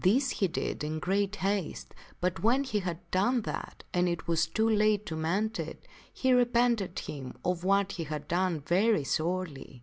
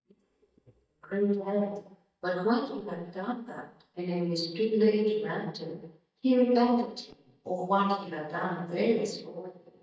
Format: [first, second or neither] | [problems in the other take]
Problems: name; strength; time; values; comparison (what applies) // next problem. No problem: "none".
first | noise reduction (neural mask model DeepFilterNet 3)